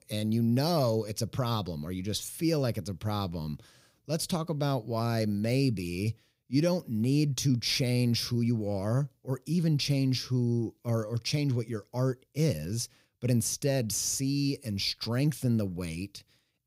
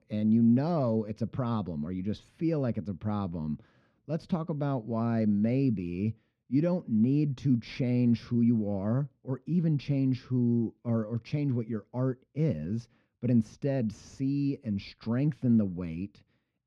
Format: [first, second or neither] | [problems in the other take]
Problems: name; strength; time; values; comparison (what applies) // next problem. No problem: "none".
first | muffled; very; fading above 2 kHz